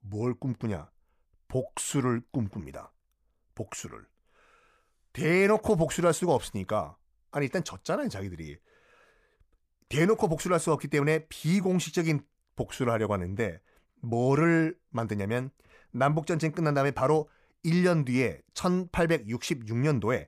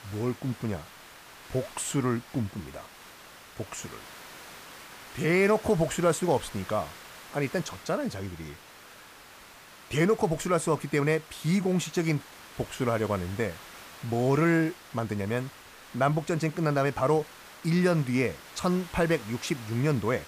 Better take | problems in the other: first | hiss; noticeable; throughout; 20 dB below the speech

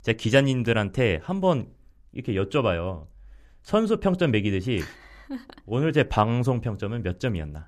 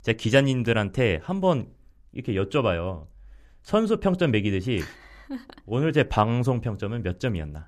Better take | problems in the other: neither | none

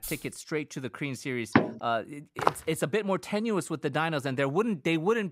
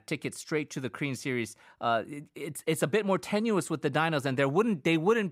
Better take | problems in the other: second | jangling keys; noticeable; at the start; peak 9 dB below the speech // door banging; loud; at 1.5 s; peak 4 dB above the speech // footsteps; loud; at 2.5 s; peak 1 dB above the speech

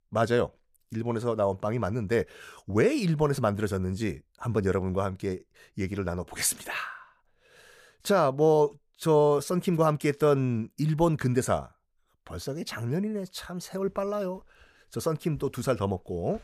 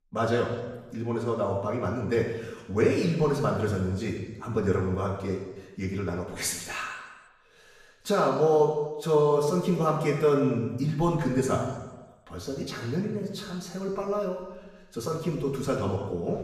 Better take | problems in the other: first | room echo; noticeable; dies away in 1.1 s // off-mic speech; far

